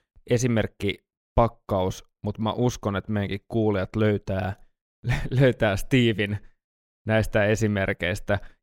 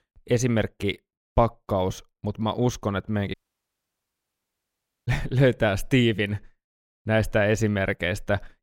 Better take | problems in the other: first | audio cutting out; at 3.5 s for 1.5 s

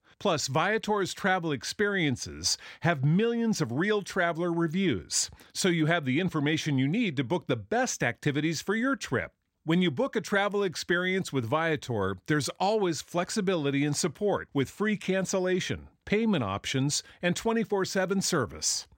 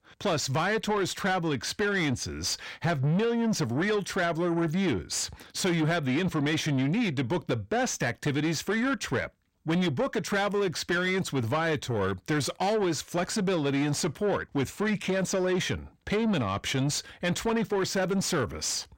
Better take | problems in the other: first | distortion; slight; 10 dB below the speech

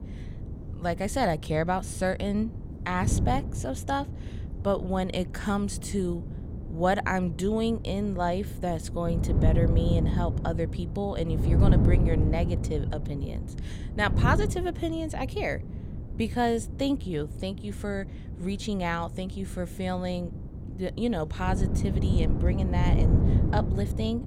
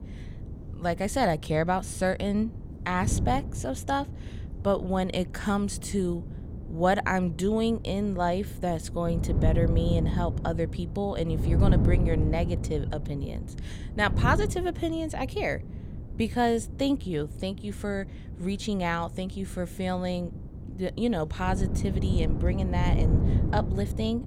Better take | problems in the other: second | wind noise on the microphone; heavy; 10 dB below the speech; occasional gusts in the second

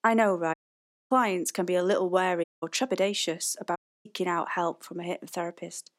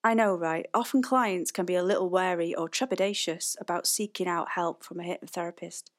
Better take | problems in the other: second | audio cutting out; at 0.5 s for 0.5 s, at 2.5 s and at 4 s

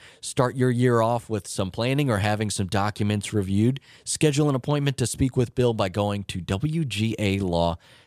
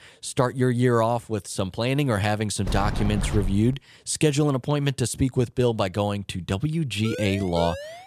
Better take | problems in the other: first | door banging; noticeable; from 2.5 to 3.5 s; peak 4 dB below the speech // siren; noticeable; from 7 s on; peak 10 dB below the speech

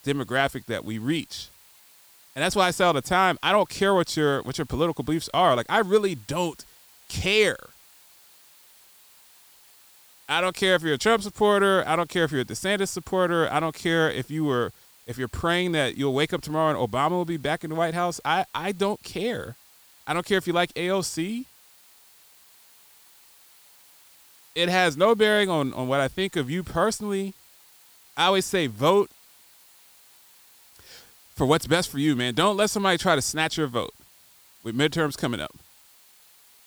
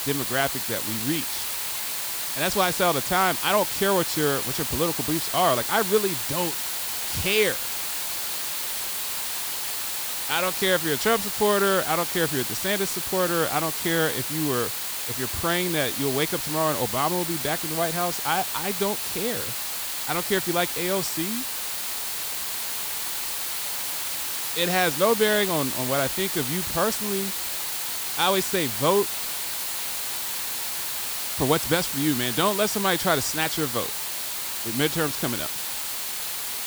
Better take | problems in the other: first | hiss; loud; throughout; 1 dB below the speech; faint in the first

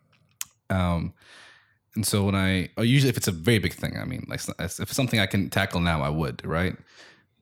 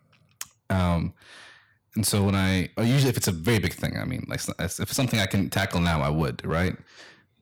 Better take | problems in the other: first | distortion; slight; 5% of the sound clipped

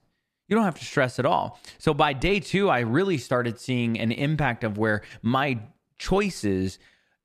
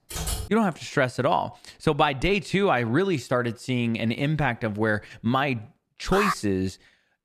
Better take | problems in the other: first | keyboard typing; noticeable; at the start; peak 5 dB below the speech // alarm; noticeable; at 6 s; peak 2 dB below the speech

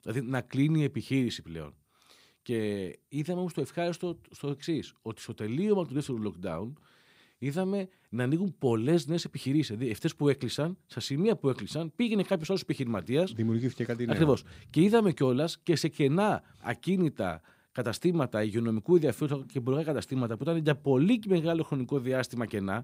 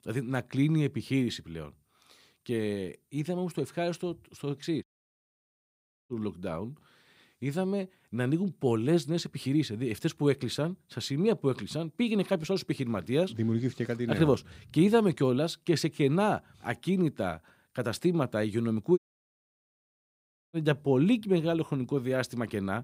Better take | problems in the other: first | audio cutting out; at 5 s for 1.5 s and at 19 s for 1.5 s

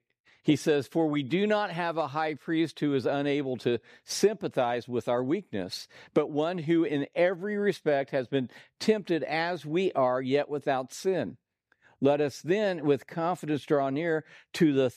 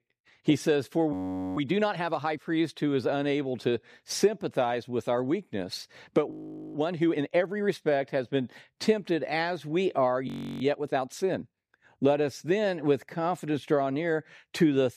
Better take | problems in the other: first | audio freezing; at 1 s, at 6.5 s and at 10 s

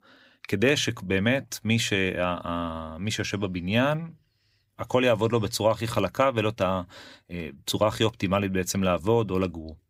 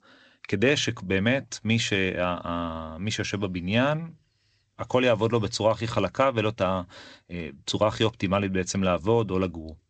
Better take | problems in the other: first | garbled, watery; slightly; nothing above 8 kHz

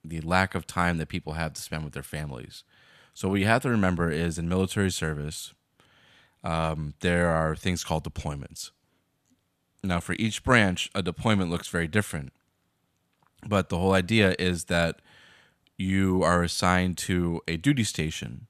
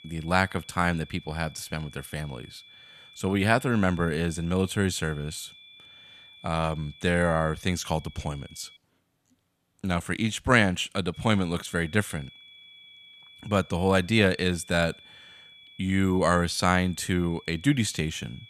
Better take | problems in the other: first | high-pitched whine; faint; until 9 s and from 11 s on; 3.5 kHz, 20 dB below the speech

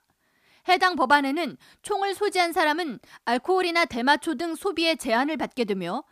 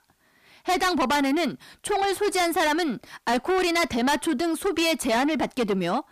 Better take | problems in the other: first | distortion; heavy; 6 dB below the speech

